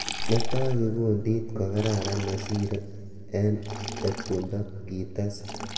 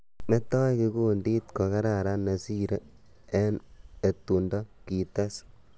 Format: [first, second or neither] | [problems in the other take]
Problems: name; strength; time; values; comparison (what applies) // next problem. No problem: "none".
second | background sound (Liquid); 12 dB below the speech // room echo; dies away in 2.2 s